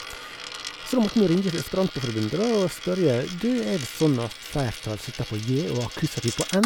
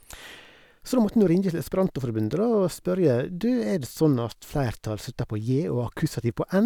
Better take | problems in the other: second | background sound (Coin (dropping)); 12 dB below the speech

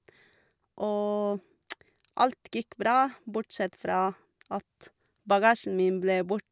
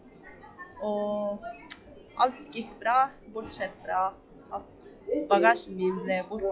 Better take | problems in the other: first | noise reduction (classical method log-MMSE)

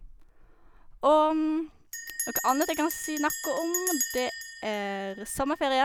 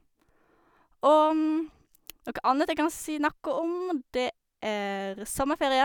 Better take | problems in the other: second | background sound (Bell); 9 dB below the speech

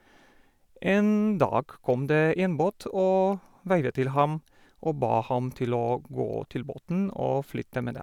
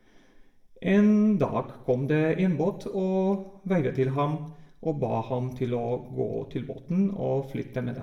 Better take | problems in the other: first | room echo; dies away in 0.5 s

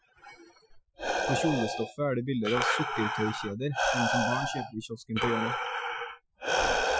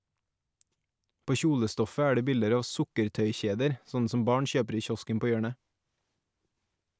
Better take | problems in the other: second | noise reduction (classical method Wiener filter)

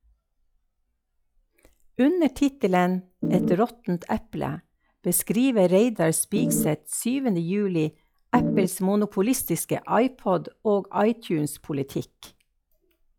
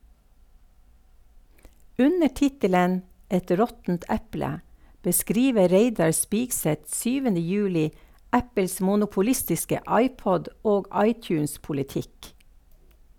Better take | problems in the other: second | noise reduction (classical method log-MMSE)

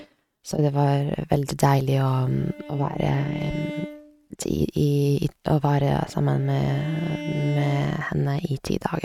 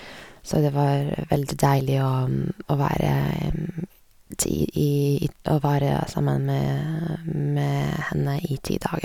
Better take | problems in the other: second | noise reduction (neural mask model RNNoise)

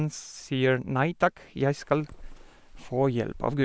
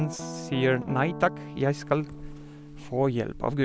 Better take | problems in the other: first | background sound (Guitar); 11 dB below the speech

